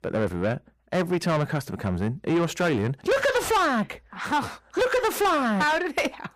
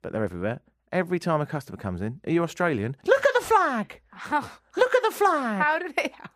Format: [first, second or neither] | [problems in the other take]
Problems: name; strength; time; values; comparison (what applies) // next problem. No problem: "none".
second | distortion; heavy; 7 dB below the speech